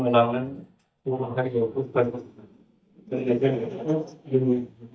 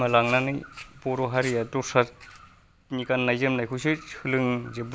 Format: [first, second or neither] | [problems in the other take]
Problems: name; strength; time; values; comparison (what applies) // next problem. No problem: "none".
second | noise reduction (neural mask model DeepFilterNet 3)